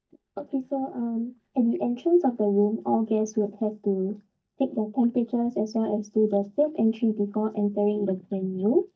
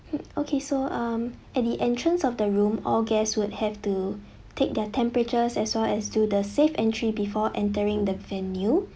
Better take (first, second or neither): second